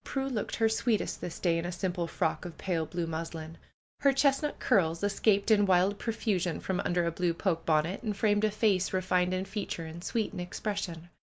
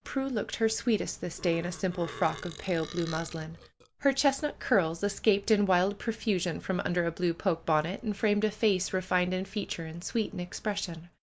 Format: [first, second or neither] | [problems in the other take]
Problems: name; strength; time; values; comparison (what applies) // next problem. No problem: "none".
first | background sound (Burping, eructation); 17 dB below the speech